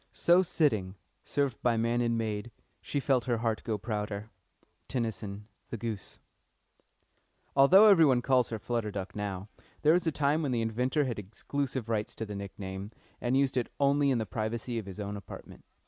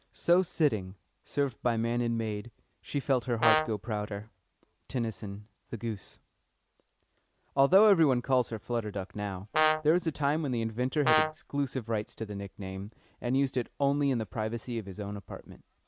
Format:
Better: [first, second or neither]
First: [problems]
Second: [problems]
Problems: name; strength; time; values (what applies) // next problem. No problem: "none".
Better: first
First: none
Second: background sound (Brass instrument); 2 dB above the speech